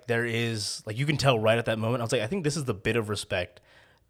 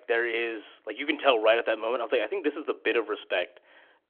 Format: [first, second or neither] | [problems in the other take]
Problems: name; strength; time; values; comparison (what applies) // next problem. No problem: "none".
first | phone-call audio; nothing above 3.5 kHz